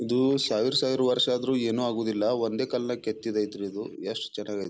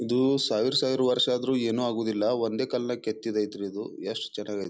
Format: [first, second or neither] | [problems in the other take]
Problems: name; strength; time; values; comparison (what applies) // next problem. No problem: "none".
second | noise reduction (neural separator model SepFormer DNS4)